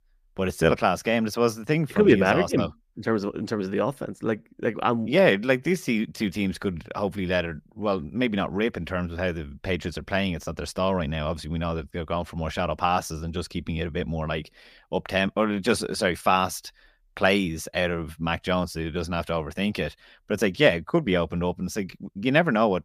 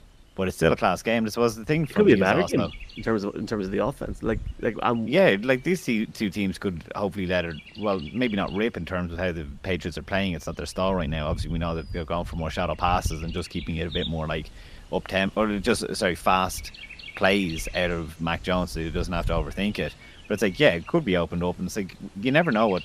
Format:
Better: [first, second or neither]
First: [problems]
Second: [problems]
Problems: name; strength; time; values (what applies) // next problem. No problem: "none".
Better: first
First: none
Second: animal sounds; noticeable; throughout; 15 dB below the speech